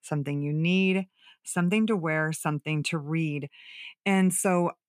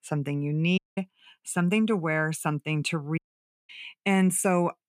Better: first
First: none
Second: audio cutting out; at 1 s and at 3 s for 0.5 s

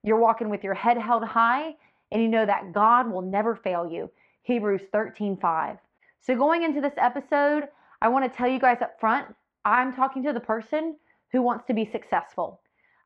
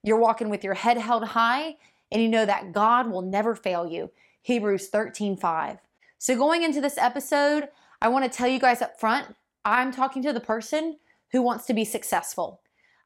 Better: second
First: muffled; very; fading above 2.5 kHz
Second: none

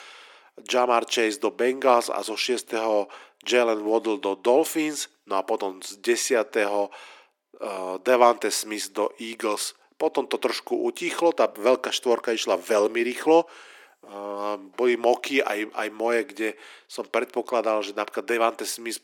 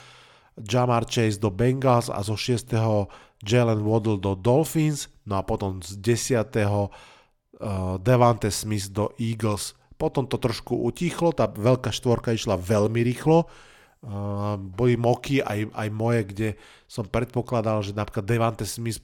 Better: second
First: thin; very; fading below 300 Hz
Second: none

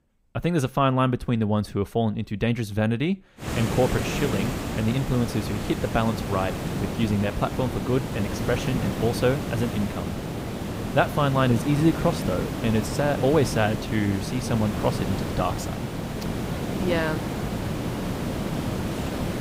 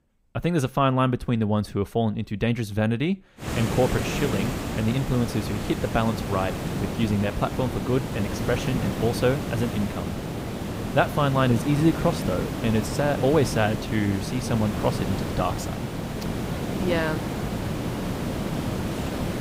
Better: neither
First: hiss; loud; from 3.5 s on; 4 dB below the speech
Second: hiss; loud; from 3.5 s on; 4 dB below the speech

